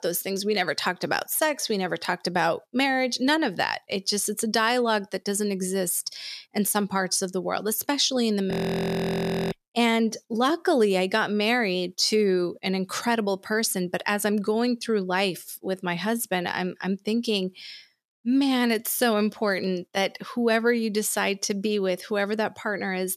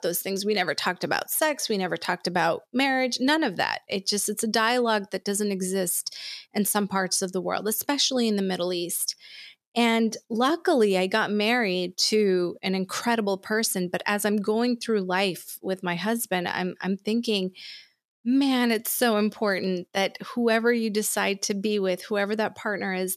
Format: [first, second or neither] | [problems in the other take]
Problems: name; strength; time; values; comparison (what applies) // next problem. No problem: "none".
second | audio freezing; at 8.5 s for 1 s